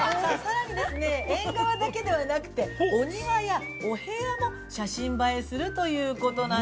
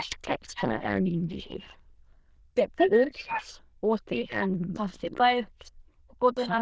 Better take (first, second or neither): first